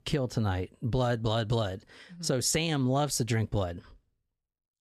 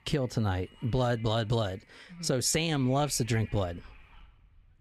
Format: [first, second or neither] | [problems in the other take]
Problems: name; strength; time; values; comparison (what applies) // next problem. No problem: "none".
first | wind noise on the microphone; occasional gusts; 20 dB below the speech